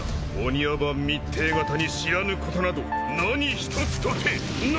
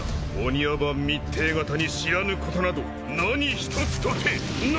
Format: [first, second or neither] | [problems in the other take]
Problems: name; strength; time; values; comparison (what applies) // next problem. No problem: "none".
second | background sound (Piano); 10 dB below the speech